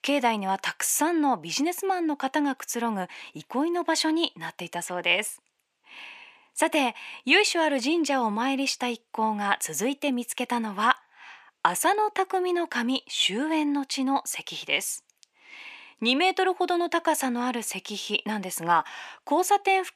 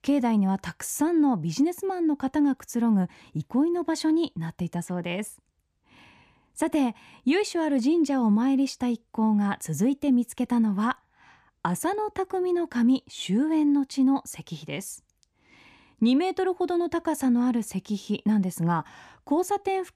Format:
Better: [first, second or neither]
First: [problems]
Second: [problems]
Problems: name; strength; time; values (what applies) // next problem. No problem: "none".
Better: second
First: thin; somewhat; fading below 550 Hz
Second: none